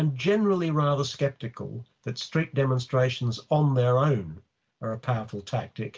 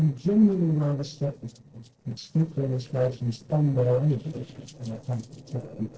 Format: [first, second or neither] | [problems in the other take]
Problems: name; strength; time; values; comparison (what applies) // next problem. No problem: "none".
first | noise reduction (neural separator model SepFormer DNS4)